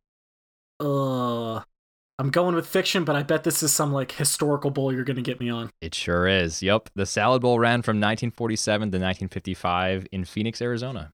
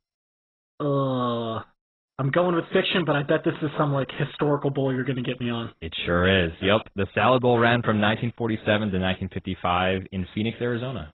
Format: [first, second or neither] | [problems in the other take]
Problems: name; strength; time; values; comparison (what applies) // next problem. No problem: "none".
first | garbled, watery; badly; nothing above 4 kHz